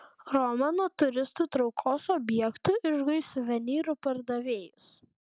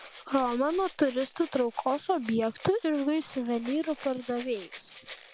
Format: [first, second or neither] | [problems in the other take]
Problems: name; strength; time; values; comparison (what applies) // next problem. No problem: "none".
first | background sound (Rattle (instrument)); 19 dB below the speech